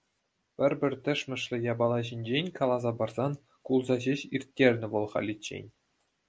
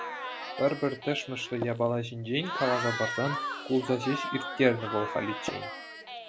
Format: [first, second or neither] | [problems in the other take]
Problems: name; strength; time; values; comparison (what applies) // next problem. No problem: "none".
first | background sound (Tap + Crowd / Cheering); 6 dB below the speech